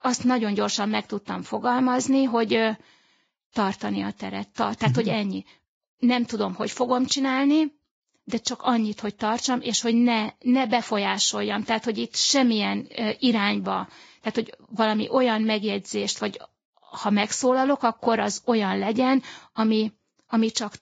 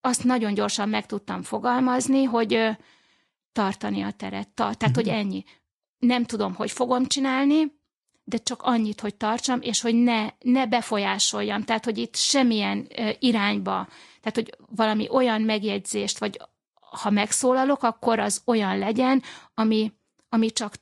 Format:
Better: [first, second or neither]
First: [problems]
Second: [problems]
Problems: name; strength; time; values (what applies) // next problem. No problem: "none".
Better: second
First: garbled, watery; badly; nothing above 7.5 kHz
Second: garbled, watery; slightly; nothing above 10.5 kHz